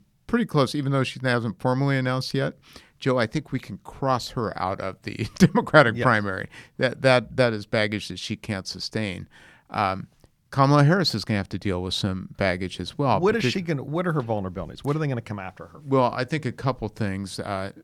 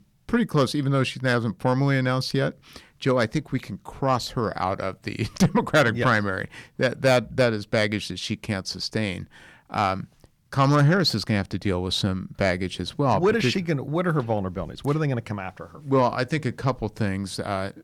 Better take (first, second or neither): first